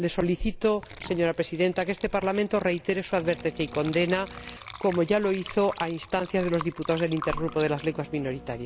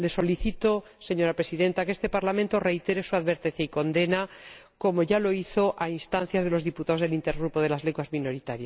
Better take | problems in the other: second | background sound (Printer + Water / Liquid); 16 dB below the speech

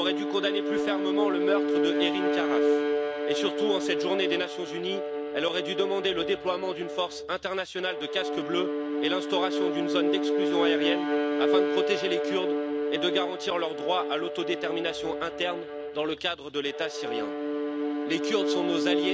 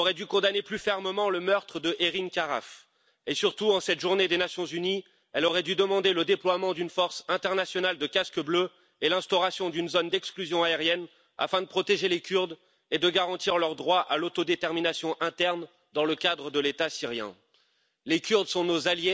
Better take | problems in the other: second | background sound (Bowed string instrument); 2 dB above the speech

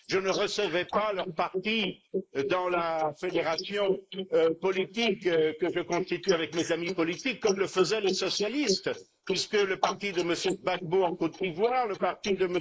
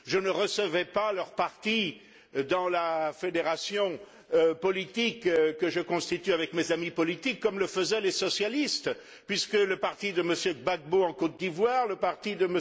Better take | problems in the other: second | noise reduction (neural mask model Resemble Enhance denoiser)

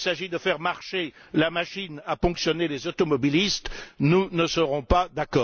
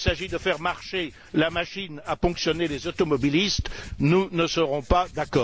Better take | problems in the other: first | background sound (Writing); 14 dB below the speech

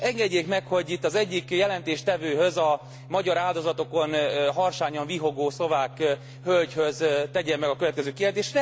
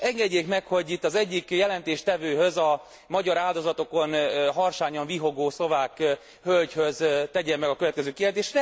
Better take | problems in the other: second | background sound (Organ); 18 dB below the speech

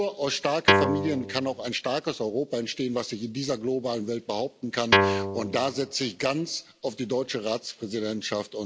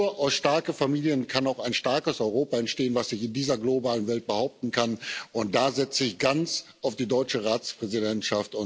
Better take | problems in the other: second | background sound (Guitar); 5 dB above the speech

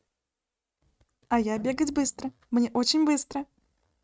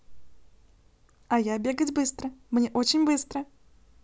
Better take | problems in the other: second | noise reduction (neural mask model RNNoise)

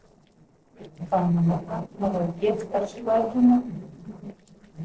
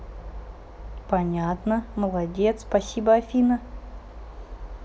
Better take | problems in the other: second | noise reduction (neural separator model SepFormer DNS4)

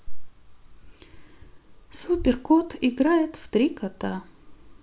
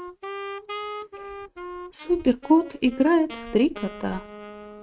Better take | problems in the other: first | noise reduction (neural mask model RNNoise)

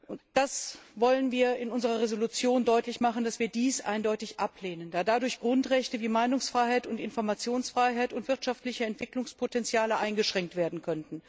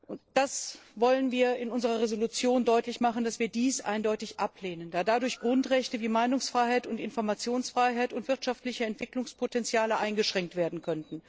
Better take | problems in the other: first | noise reduction (neural separator model SepFormer DNS4)

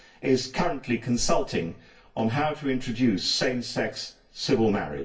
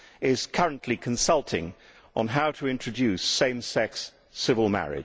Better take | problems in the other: second | room echo; dies away in 0.3 s

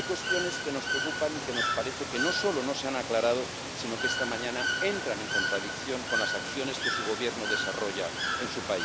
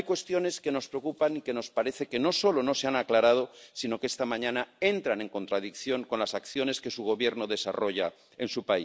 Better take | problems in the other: second | background sound (Water / Bird); 1 dB above the speech

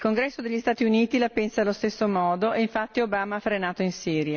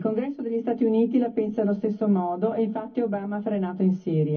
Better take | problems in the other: first | room echo; dies away in 0.3 s

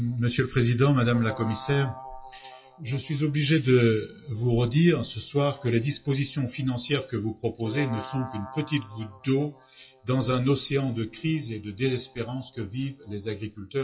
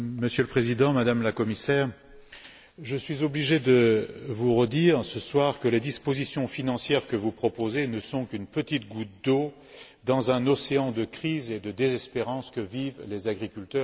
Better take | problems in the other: second | noise reduction (classical method WPE with log-MMSE)

